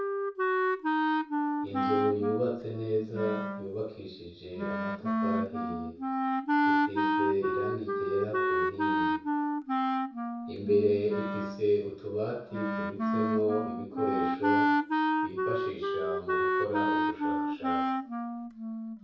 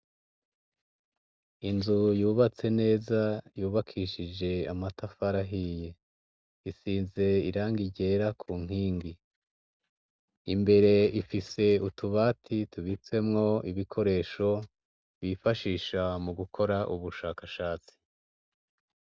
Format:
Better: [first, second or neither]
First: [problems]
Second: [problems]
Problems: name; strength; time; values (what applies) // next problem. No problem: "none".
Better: second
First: background sound (Wind instrument, woodwind instrument); 4 dB above the speech // room echo; dies away in 0.6 s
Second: none